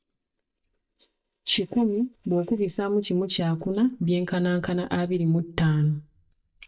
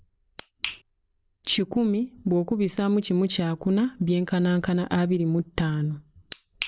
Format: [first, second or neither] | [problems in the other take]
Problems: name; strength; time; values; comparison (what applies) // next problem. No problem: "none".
second | noise reduction (neural mask model DeepFilterNet 3)